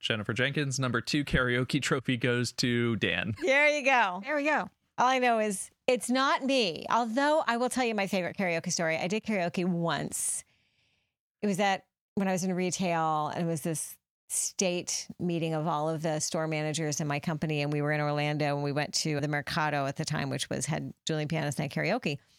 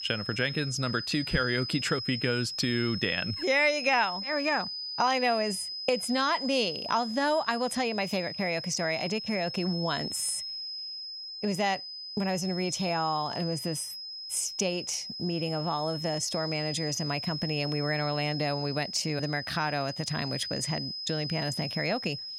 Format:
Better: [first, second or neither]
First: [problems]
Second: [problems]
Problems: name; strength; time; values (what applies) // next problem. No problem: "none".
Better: first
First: none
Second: high-pitched whine; loud; throughout; 5 kHz, 5 dB below the speech